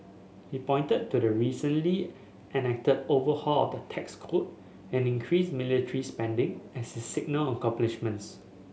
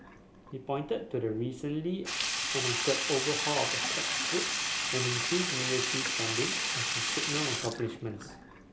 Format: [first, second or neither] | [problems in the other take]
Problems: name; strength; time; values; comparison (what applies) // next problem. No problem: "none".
first | background sound (Sink (filling or washing)); 2 dB above the speech